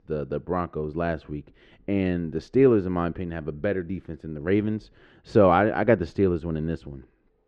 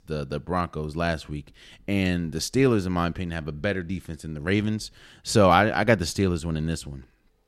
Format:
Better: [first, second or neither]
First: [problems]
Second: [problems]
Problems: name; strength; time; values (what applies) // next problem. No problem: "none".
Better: second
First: muffled; very; fading above 2 kHz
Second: none